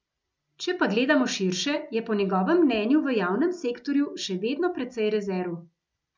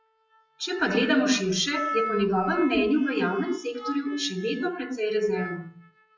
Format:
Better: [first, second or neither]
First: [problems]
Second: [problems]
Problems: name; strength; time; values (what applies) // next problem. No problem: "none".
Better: first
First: none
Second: noise reduction (classical method WPE with log-MMSE)